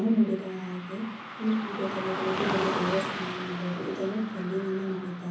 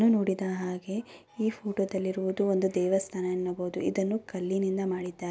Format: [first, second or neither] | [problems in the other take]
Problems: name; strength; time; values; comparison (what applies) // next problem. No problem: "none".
second | background sound (Car passing by / Traffic noise, roadway noise); 5 dB below the speech // room echo; dies away in 0.6 s